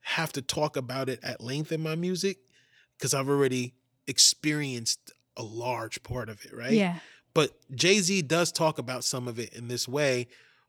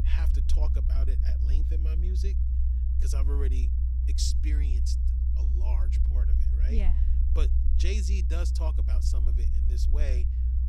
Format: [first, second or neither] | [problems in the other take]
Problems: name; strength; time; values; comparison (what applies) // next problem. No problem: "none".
first | low rumble; loud; throughout; 4 dB below the speech